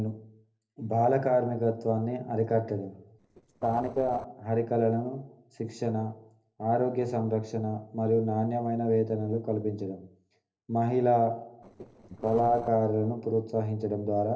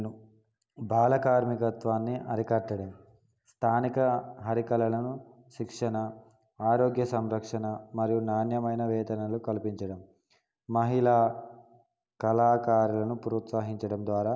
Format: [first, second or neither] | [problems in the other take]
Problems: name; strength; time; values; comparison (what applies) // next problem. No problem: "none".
second | noise reduction (neural separator model SepFormer DNS4)